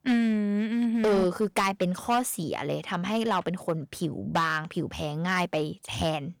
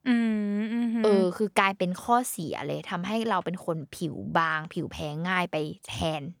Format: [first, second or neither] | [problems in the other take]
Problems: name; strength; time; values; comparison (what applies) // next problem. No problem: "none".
second | distortion; slight; 6% of the sound clipped